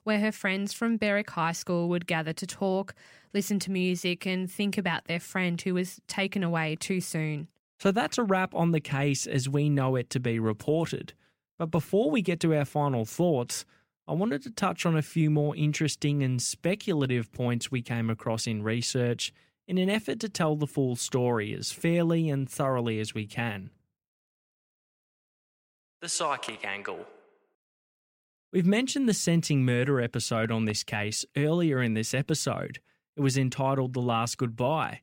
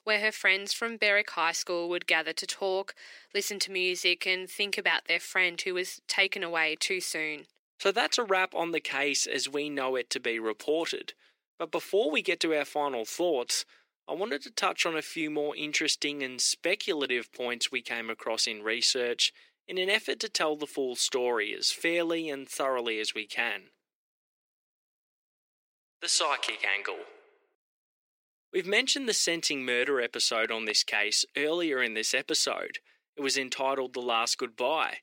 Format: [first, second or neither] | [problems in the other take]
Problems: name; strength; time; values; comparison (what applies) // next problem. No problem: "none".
first | thin; very; fading below 350 Hz